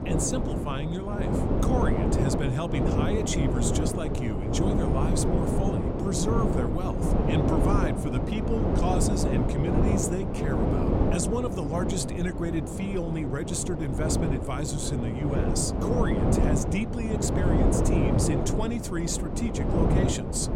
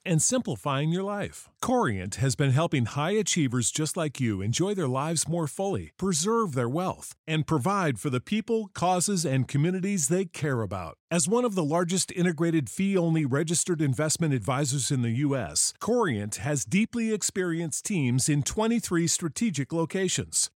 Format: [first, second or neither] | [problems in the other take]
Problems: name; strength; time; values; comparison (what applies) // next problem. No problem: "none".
second | wind noise on the microphone; heavy; 2 dB above the speech